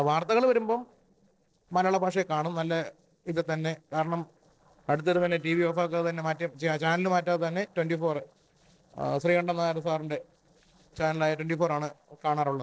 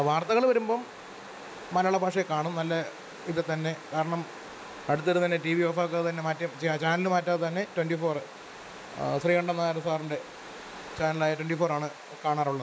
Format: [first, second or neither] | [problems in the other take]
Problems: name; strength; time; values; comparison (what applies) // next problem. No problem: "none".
second | noise reduction (neural separator model SepFormer DNS4)